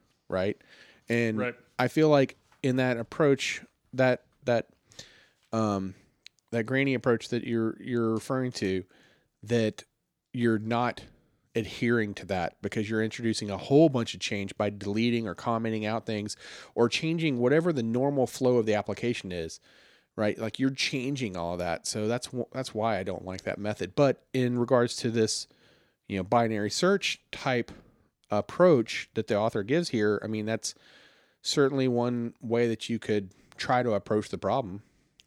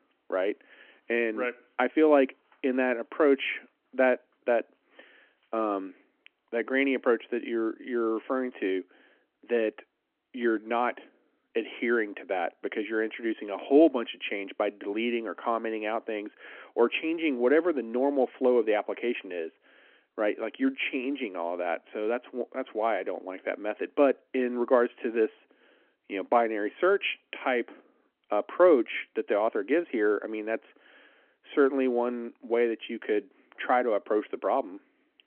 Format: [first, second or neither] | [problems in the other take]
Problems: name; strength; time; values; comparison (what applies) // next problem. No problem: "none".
first | phone-call audio